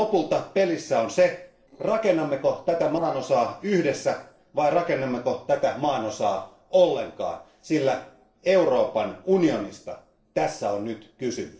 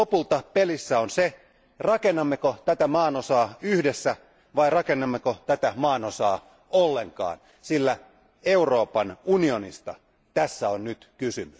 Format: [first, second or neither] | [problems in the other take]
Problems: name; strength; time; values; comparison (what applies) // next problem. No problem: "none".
second | noise reduction (neural separator model SepFormer DNS4)